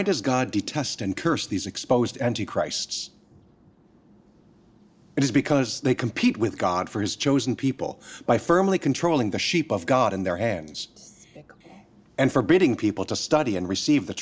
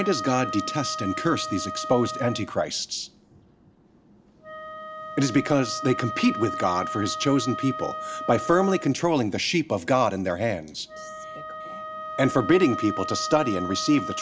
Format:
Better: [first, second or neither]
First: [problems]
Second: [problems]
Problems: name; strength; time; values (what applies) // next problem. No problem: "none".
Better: first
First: none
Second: background sound (Wind instrument, woodwind instrument); 9 dB below the speech